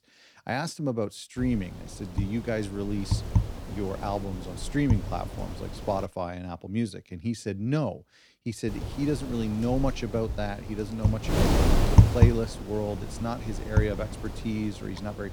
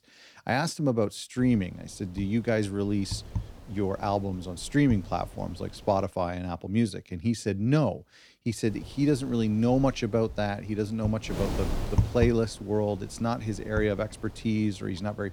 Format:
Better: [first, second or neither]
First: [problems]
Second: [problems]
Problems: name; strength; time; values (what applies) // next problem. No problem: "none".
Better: second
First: wind noise on the microphone; heavy; from 1.5 to 6 s and from 8.5 s on; 3 dB below the speech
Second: wind noise on the microphone; occasional gusts; from 1.5 to 6 s and from 8.5 s on; 15 dB below the speech